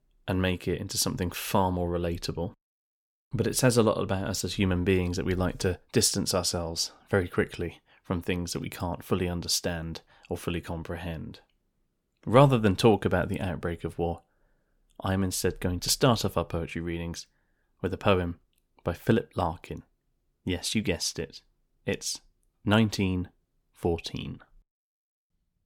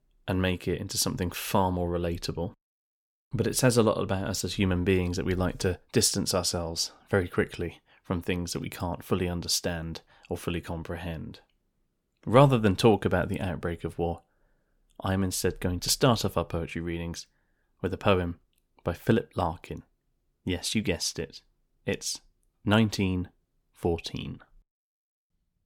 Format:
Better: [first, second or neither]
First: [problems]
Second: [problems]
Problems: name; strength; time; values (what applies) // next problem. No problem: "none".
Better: neither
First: none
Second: none